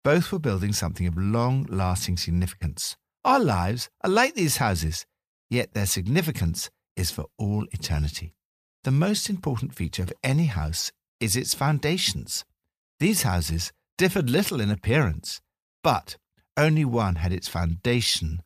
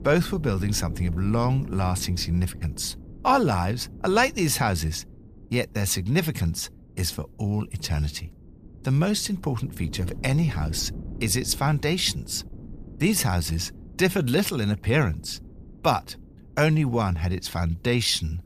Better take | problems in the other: first | wind noise on the microphone; occasional gusts; 25 dB below the speech

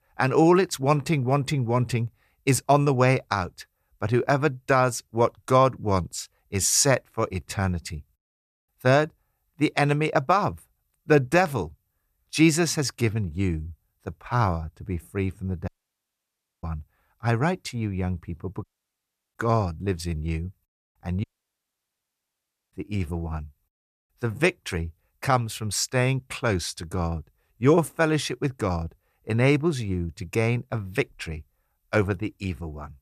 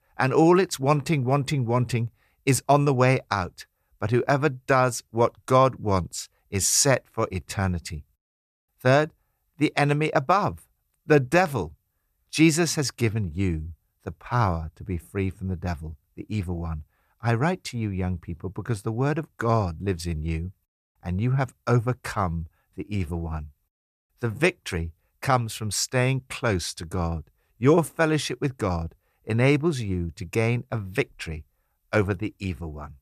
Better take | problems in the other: second | audio cutting out; at 16 s for 1 s, at 19 s for 0.5 s and at 21 s for 1.5 s

